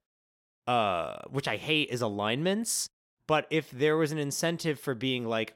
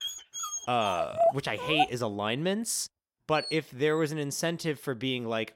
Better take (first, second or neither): first